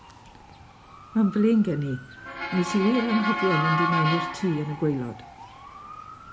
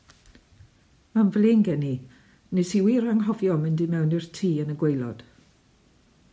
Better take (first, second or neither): second